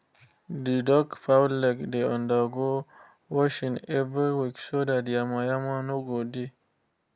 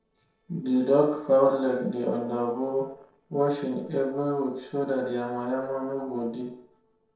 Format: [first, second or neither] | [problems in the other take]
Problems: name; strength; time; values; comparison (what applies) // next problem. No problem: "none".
first | noise reduction (neural separator model SepFormer DNS4)